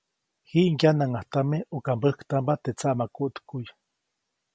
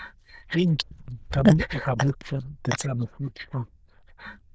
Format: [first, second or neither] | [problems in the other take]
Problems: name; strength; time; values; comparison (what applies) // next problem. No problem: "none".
first | noise reduction (neural diffusion model UNIVERSE++)